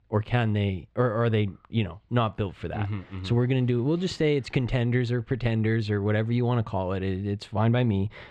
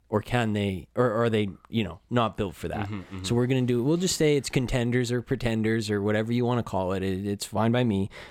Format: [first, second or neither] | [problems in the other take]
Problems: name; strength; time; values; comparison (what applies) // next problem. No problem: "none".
second | muffled; very slightly; fading above 3 kHz